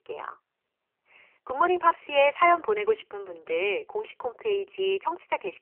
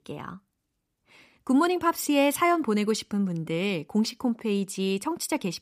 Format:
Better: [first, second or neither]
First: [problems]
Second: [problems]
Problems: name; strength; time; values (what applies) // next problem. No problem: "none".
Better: second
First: phone-call audio; poor line; nothing above 3 kHz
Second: none